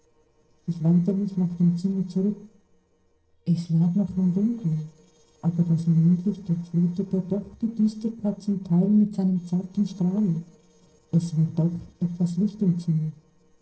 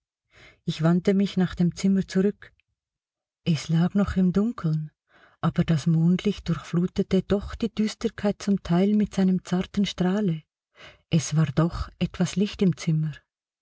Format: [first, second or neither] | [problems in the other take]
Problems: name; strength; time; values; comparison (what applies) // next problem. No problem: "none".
second | noise reduction (neural separator model SepFormer DNS4)